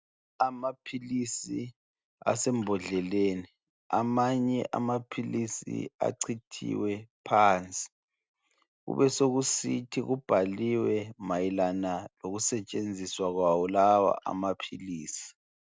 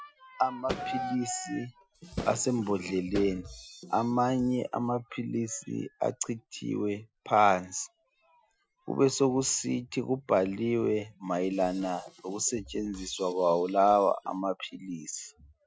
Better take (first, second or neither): first